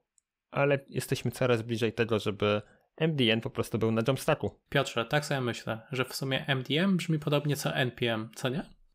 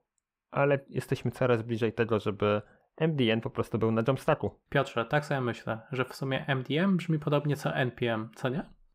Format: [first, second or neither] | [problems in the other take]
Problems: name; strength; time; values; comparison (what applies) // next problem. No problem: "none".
first | muffled; slightly; fading above 3 kHz